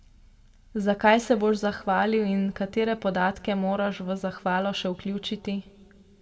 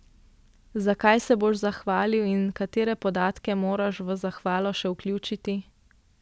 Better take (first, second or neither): second